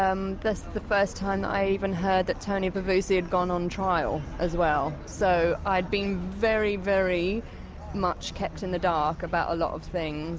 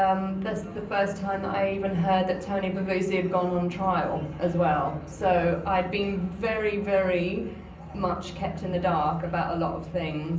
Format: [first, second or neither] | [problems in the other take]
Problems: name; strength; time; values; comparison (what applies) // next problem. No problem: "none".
first | room echo; dies away in 0.6 s